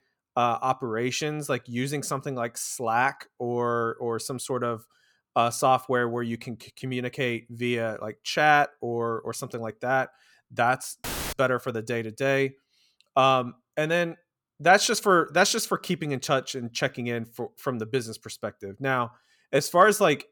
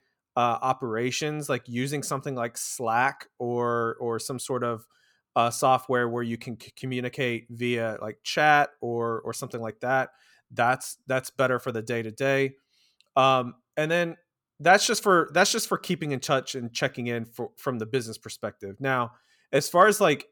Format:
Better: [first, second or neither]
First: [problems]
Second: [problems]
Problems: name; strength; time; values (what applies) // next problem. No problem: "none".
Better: second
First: audio cutting out; filled with static; at 11 s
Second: none